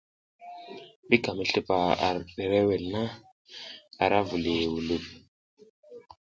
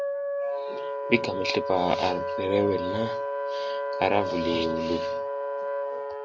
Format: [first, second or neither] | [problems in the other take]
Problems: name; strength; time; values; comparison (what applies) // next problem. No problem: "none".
first | background sound (Wind instrument, woodwind instrument); 1 dB below the speech